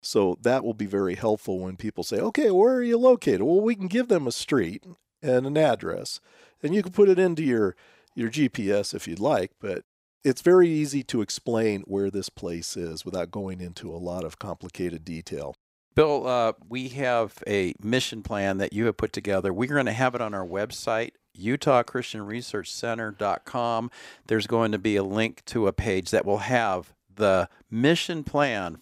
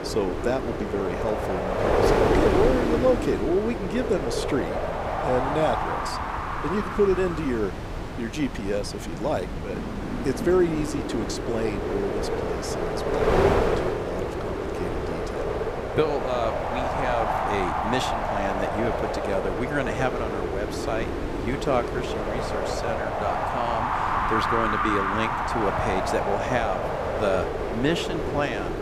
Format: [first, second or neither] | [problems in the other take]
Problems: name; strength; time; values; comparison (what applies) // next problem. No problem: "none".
first | wind noise on the microphone; heavy; 2 dB above the speech